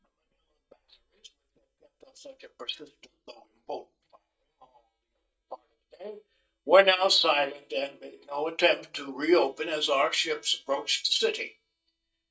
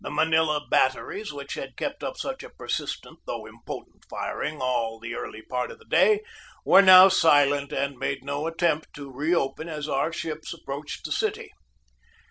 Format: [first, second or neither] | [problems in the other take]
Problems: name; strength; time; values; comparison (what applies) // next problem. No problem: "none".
second | noise reduction (neural mask model DeepFilterNet 3)